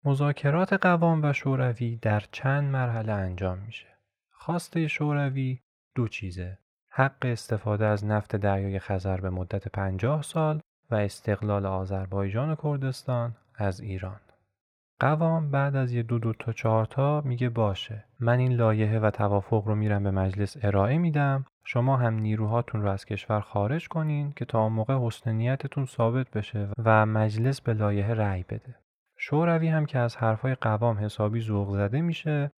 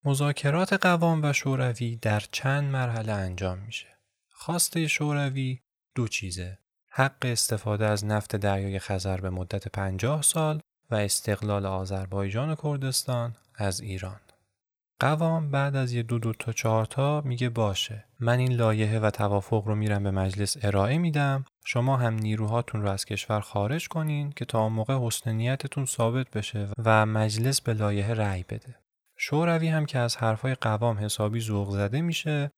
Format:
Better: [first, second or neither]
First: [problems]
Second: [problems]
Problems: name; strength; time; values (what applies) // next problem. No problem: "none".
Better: second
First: muffled; very; fading above 3.5 kHz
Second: none